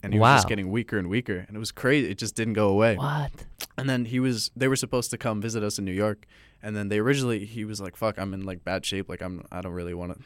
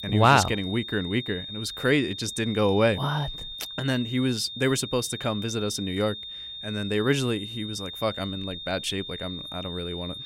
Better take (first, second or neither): first